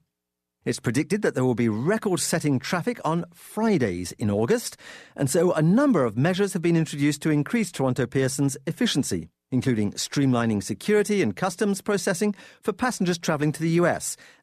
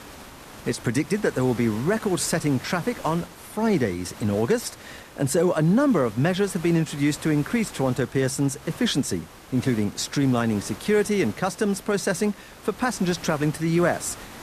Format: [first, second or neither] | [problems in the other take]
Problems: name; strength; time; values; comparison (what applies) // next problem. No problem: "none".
first | hiss; noticeable; throughout; 20 dB below the speech